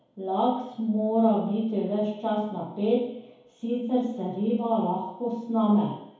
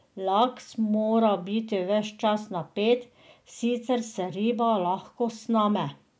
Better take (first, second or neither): second